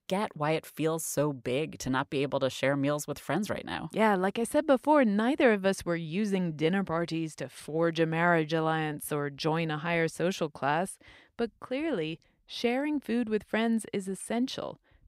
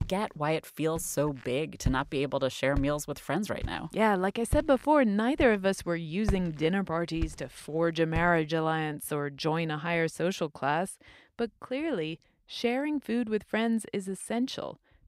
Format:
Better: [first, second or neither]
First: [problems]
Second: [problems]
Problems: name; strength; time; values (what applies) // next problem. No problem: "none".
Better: first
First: none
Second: footsteps; noticeable; until 8.5 s; peak 7 dB below the speech